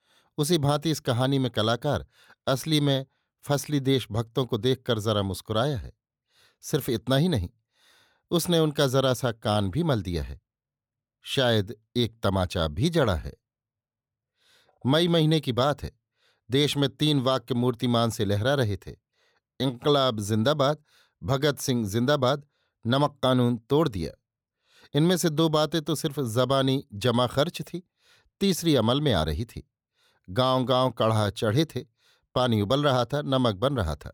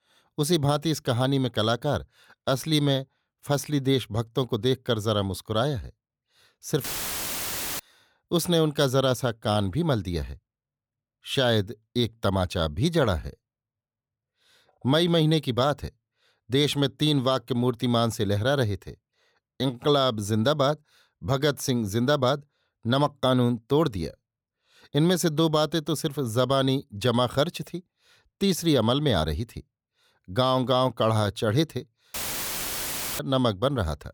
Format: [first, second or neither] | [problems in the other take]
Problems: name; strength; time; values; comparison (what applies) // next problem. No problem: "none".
first | audio cutting out; filled with static; at 7 s for 1 s and at 32 s for 1 s